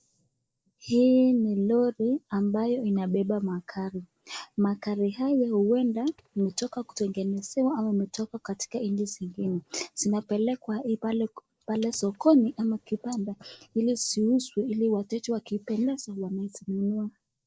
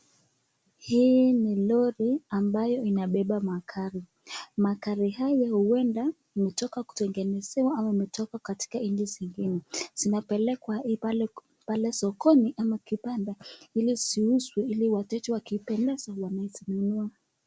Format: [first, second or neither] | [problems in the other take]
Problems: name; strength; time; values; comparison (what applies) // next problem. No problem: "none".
second | noise reduction (neural mask model Resemble Enhance denoiser)